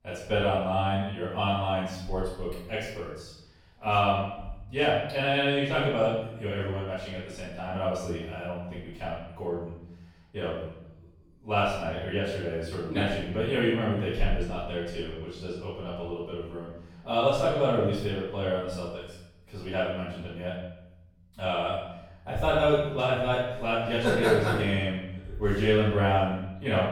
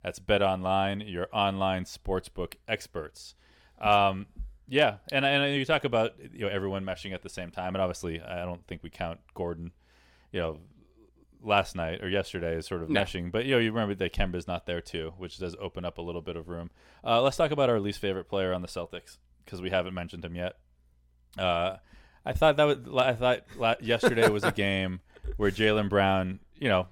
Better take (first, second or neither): second